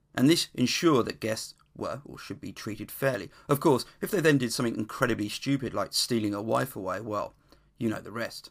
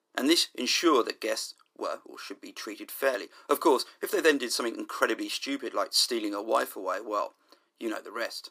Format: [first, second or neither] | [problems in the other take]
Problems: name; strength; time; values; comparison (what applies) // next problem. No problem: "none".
first | thin; somewhat; fading below 300 Hz